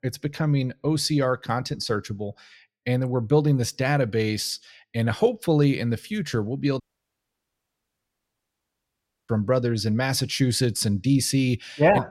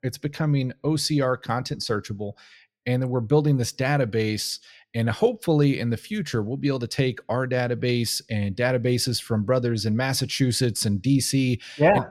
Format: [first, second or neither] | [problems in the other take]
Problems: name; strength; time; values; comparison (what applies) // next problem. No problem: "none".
second | audio cutting out; at 7 s for 2.5 s